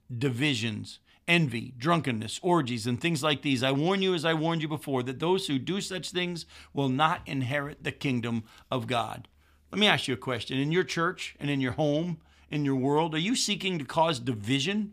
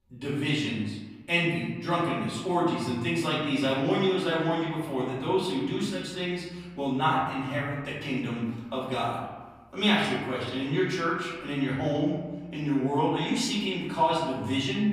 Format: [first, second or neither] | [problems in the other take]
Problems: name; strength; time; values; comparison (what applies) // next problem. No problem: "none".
first | room echo; noticeable; dies away in 1.2 s // off-mic speech; far